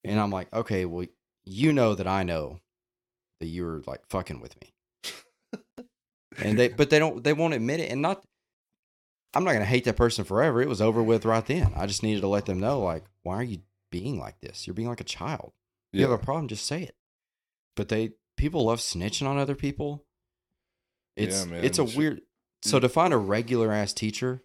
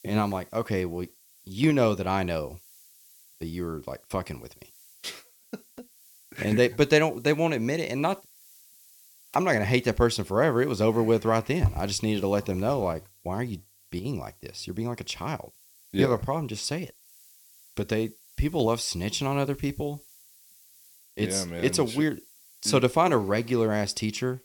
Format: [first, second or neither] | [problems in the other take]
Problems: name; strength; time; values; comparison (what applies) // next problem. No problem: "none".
first | hiss; faint; throughout; 25 dB below the speech